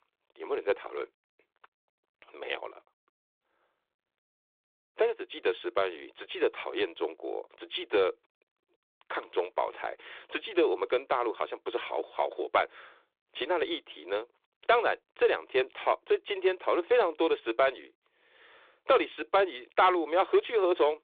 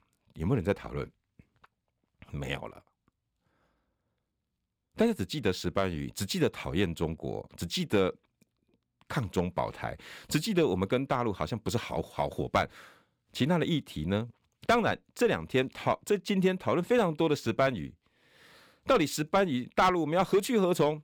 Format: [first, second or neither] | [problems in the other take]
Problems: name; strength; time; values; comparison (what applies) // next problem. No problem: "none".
second | phone-call audio